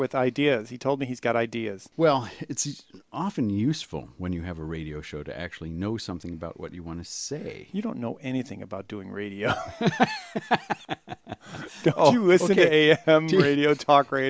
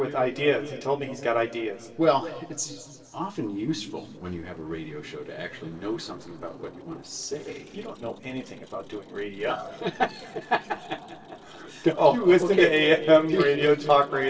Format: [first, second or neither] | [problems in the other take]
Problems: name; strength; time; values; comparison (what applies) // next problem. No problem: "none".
first | noise reduction (neural separator model SepFormer DNS4)